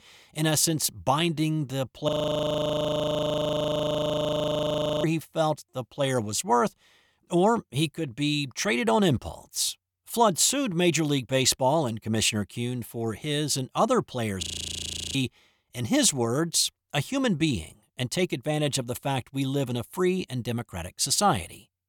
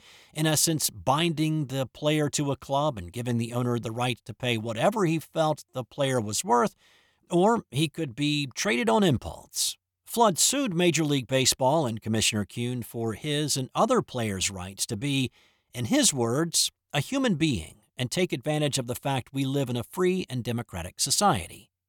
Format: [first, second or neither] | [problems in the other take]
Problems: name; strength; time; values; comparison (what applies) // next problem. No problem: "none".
second | audio freezing; at 2 s for 3 s and at 14 s for 0.5 s